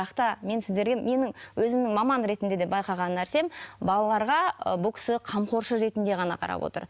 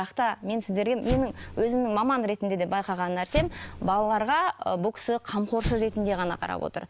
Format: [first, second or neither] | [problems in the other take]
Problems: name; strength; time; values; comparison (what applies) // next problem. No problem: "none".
first | background sound (Explosion); 11 dB below the speech